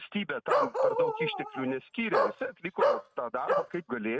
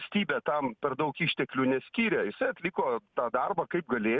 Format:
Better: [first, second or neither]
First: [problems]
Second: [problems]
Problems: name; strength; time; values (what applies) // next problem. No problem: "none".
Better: second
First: noise reduction (neural mask model RNNoise)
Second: none